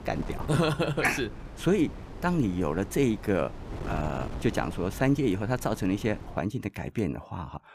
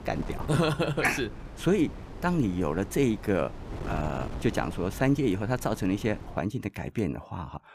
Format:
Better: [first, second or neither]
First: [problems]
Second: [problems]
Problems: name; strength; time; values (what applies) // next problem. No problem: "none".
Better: neither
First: wind noise on the microphone; occasional gusts; until 6.5 s; 15 dB below the speech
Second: wind noise on the microphone; occasional gusts; until 6.5 s; 15 dB below the speech